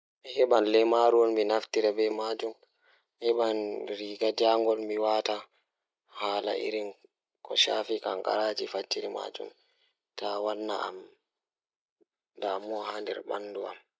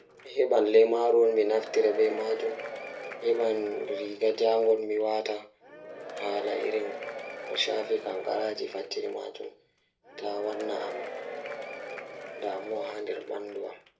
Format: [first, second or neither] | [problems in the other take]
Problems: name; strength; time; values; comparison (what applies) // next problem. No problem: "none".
first | background sound (Applause / Crowd / Cheering); 12 dB below the speech // room echo; dies away in 0.3 s